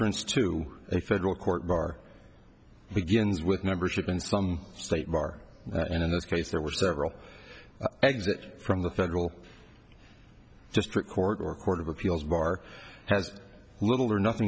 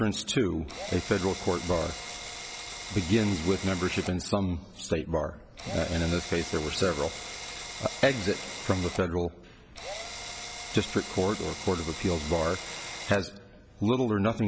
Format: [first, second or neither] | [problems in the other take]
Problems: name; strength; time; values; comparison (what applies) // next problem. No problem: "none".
first | background sound (Drill); 10 dB below the speech